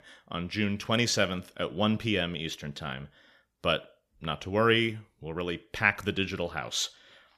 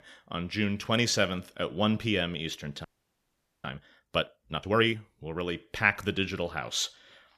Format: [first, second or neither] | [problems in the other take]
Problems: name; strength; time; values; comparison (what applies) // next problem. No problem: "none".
first | audio freezing; at 3 s for 1 s